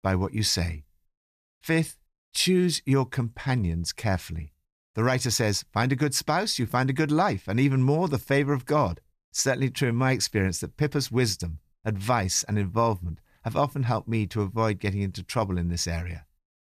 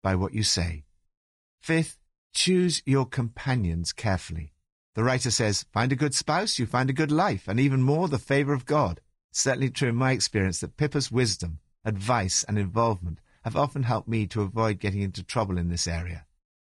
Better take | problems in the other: first | garbled, watery; slightly; nothing above 10 kHz

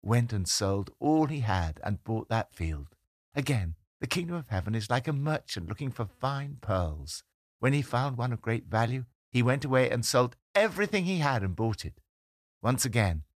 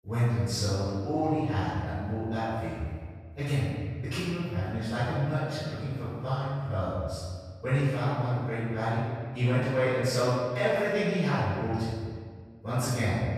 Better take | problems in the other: first | off-mic speech; far // room echo; strong; dies away in 1.7 s

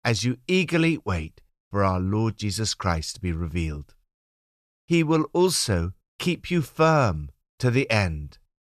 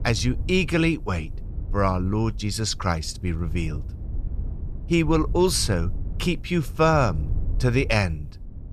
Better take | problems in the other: first | wind noise on the microphone; occasional gusts; 25 dB below the speech

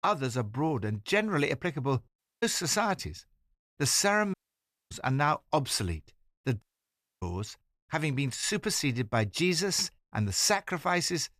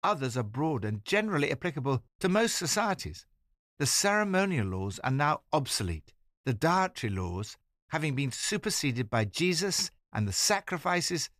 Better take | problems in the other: second | audio cutting out; at 2 s, at 4.5 s for 0.5 s and at 6.5 s for 0.5 s

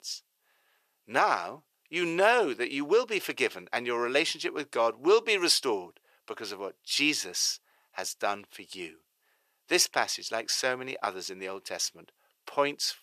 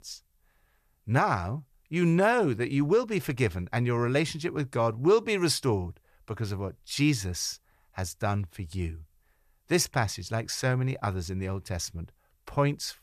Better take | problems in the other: second | thin; somewhat; fading below 350 Hz

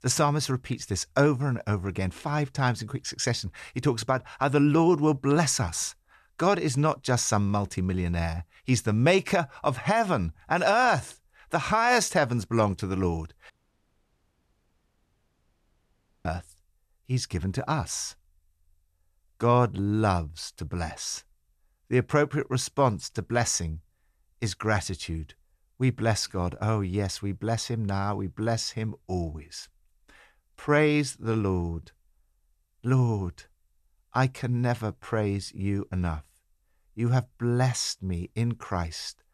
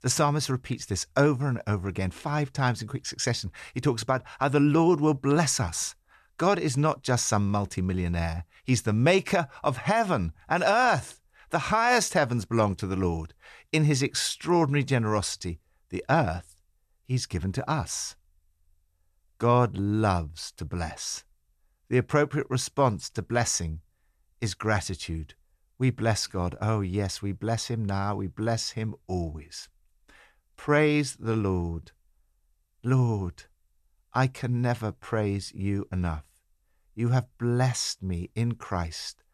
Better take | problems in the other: second | audio cutting out; at 14 s for 3 s

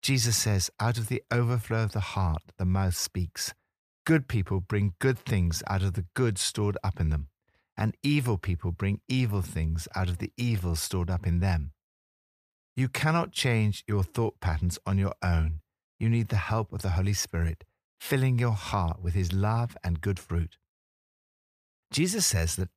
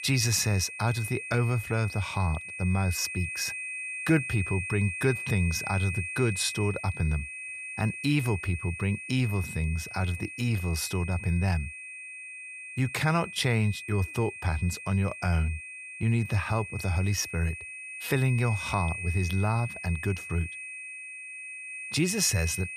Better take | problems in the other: first | high-pitched whine; loud; throughout; 2.5 kHz, 8 dB below the speech

